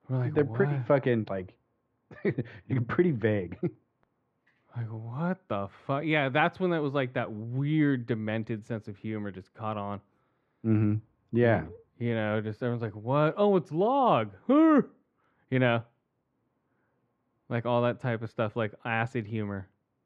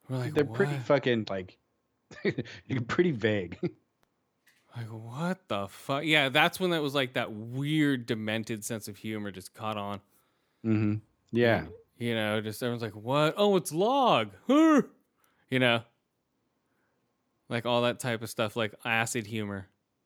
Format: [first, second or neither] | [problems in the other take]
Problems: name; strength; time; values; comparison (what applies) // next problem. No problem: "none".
second | muffled; very; fading above 2 kHz